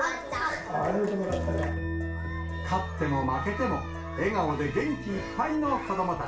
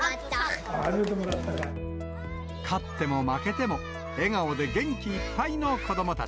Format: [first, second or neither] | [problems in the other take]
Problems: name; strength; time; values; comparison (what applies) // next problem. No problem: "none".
second | background sound (Wind instrument, woodwind instrument); 18 dB below the speech // room echo; dies away in 0.3 s